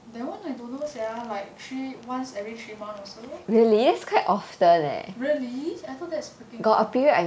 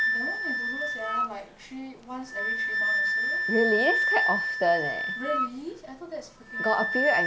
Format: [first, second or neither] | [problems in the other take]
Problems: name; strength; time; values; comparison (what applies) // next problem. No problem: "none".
first | background sound (Wind instrument, woodwind instrument); 2 dB above the speech